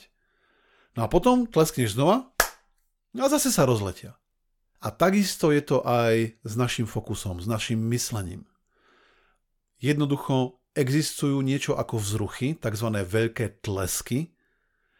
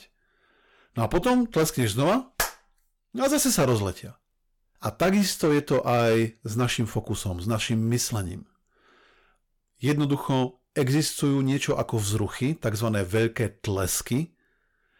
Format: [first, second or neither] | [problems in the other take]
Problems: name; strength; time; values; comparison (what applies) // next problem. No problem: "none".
first | distortion; slight; 5% of the sound clipped